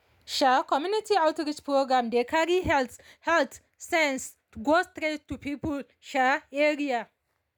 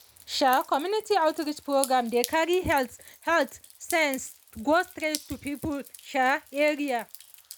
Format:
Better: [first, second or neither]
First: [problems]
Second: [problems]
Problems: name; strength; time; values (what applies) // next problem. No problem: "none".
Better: first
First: none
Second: background sound (Drip); 17 dB below the speech